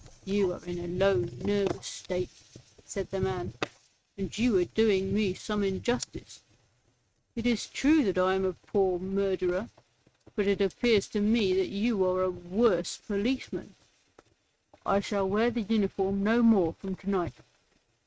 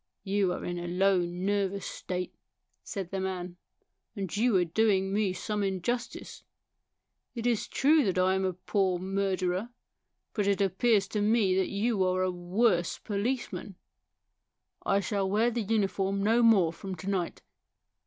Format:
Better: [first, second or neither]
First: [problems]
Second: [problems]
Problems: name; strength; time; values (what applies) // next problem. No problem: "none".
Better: second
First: noise reduction (neural mask model RNNoise)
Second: none